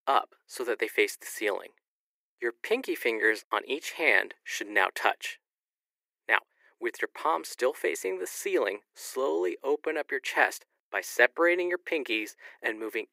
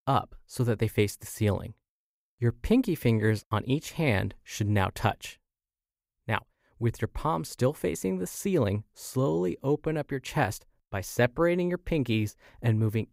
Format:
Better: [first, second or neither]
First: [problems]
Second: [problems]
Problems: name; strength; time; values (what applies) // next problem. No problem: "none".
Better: second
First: thin; very; fading below 350 Hz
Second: none